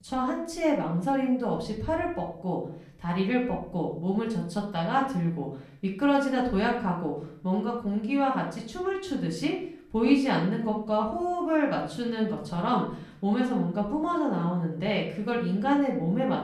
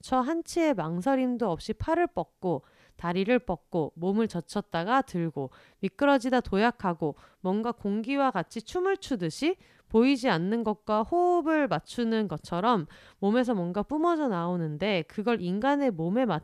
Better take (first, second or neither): second